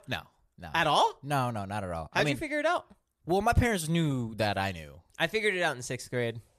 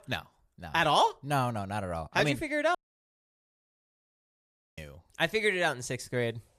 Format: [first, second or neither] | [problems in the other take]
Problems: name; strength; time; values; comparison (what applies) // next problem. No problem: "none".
first | audio cutting out; at 3 s for 2 s